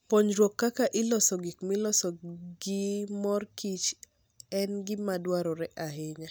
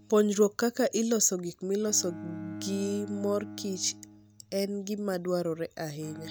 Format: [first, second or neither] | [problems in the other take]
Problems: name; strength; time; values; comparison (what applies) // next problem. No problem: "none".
first | background sound (Bowed string instrument); 15 dB below the speech